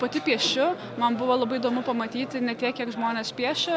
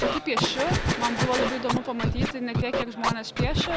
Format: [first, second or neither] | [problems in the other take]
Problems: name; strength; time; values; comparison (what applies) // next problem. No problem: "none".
first | background sound (Gunshot, gunfire + Scratching (performance technique)); 2 dB above the speech